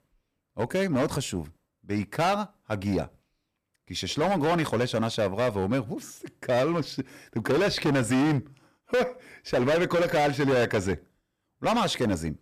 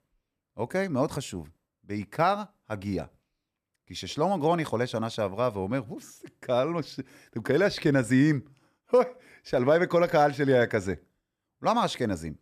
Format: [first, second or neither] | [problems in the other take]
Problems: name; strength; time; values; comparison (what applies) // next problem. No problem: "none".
second | distortion; heavy; 13% of the sound clipped